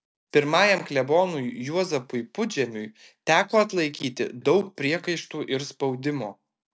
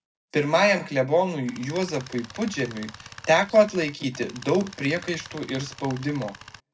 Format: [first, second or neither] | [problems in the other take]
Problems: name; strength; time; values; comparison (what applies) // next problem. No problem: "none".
first | background sound (Tools); 18 dB below the speech // room echo; dies away in 0.3 s